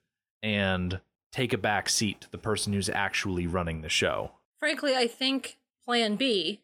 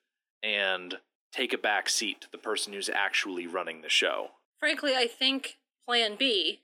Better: first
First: none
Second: thin; somewhat; fading below 250 Hz

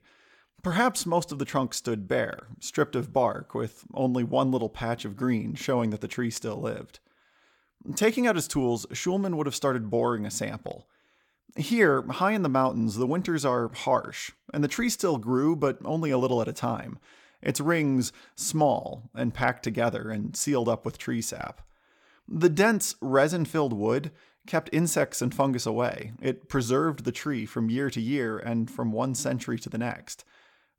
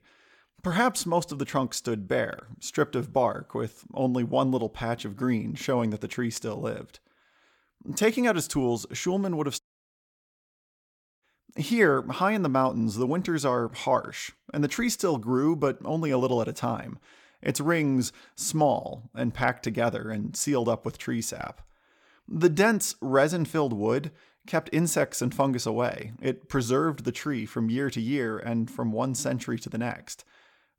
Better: first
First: none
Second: audio cutting out; at 9.5 s for 1.5 s

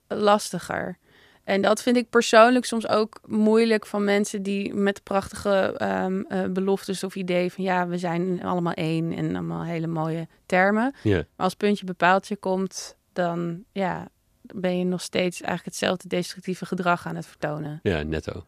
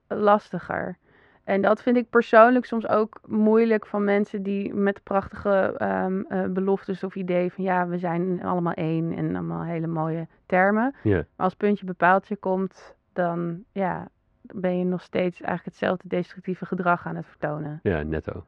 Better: first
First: none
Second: muffled; very; fading above 1.5 kHz

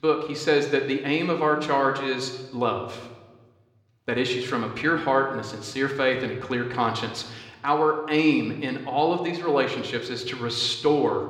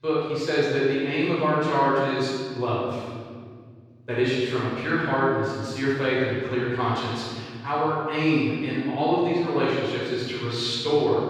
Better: first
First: room echo; slight; dies away in 0.9 s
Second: room echo; strong; dies away in 2.1 s // off-mic speech; far

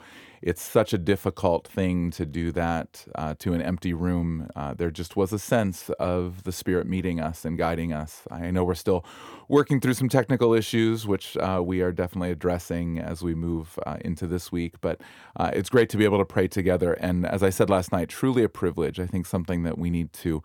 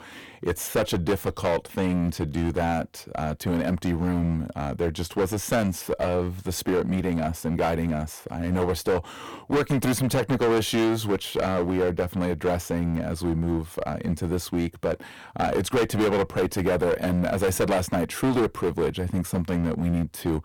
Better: first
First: none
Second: distortion; heavy; 13% of the sound clipped

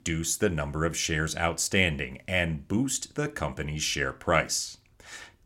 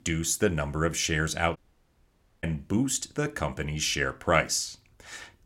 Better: first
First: none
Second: audio cutting out; at 1.5 s for 1 s

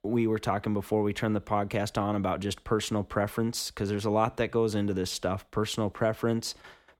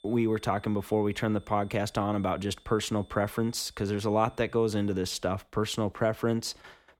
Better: first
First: none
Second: high-pitched whine; faint; until 5 s; 3.5 kHz, 30 dB below the speech

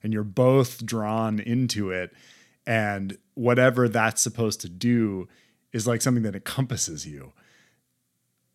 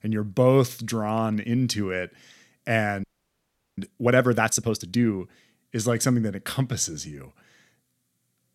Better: first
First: none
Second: audio freezing; at 3 s for 0.5 s

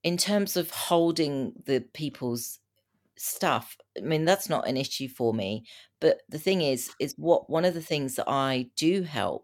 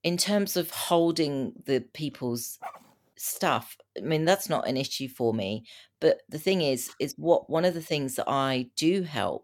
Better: first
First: none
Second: dog barking; faint; at 2.5 s; peak 15 dB below the speech

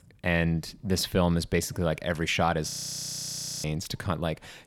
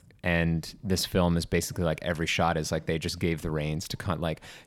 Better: second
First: audio freezing; at 2.5 s for 1 s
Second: none

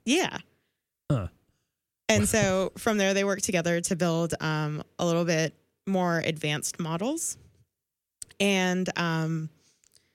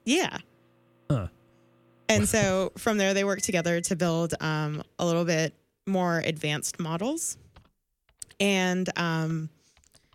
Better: first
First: none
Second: household noises; faint; throughout; 30 dB below the speech

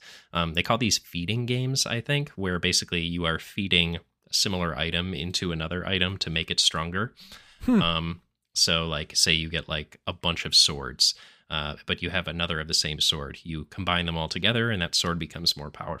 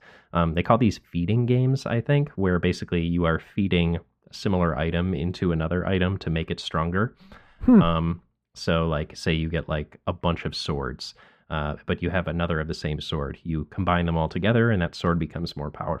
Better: first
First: none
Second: muffled; very; fading above 2.5 kHz

